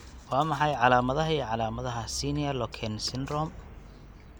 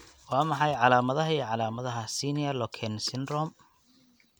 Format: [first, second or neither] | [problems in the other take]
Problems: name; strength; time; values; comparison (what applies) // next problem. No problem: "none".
second | background sound (Traffic noise, roadway noise); 15 dB below the speech